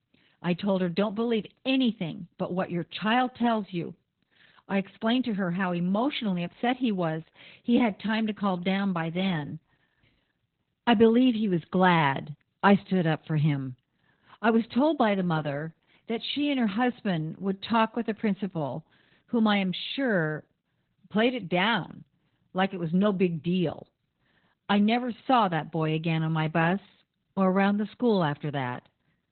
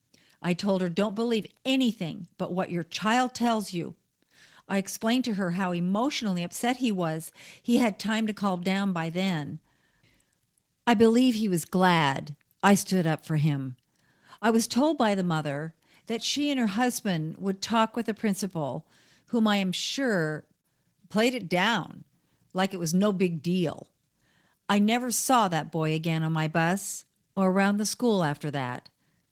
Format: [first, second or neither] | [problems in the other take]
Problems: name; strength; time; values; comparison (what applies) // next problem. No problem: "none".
second | garbled, watery; badly; nothing above 4 kHz; slightly in the second